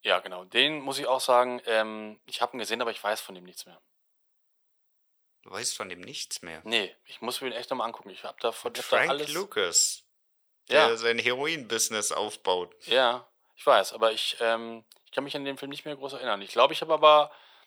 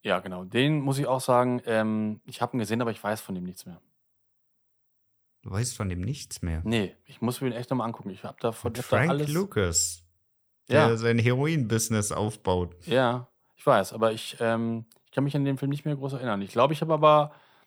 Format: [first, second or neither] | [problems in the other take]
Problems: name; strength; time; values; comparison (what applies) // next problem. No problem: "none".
second | thin; very; fading below 550 Hz